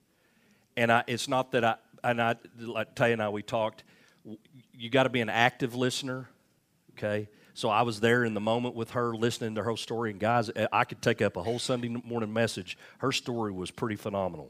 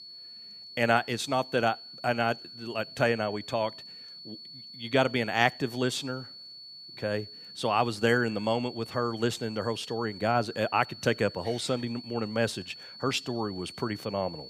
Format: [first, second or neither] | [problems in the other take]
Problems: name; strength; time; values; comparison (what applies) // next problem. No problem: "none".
first | high-pitched whine; noticeable; throughout; 4.5 kHz, 15 dB below the speech